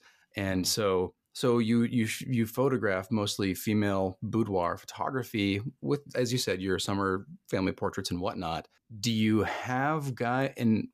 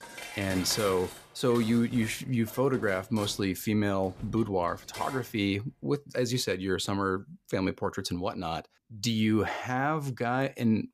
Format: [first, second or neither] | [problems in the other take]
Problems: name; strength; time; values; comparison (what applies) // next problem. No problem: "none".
first | clattering dishes; noticeable; until 5.5 s; peak 7 dB below the speech